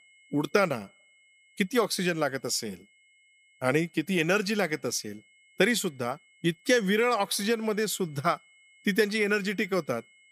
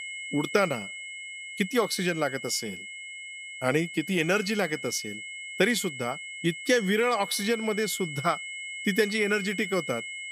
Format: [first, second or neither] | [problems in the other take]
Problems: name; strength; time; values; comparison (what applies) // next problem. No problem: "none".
first | high-pitched whine; loud; throughout; 2 kHz, 9 dB below the speech; faint in the first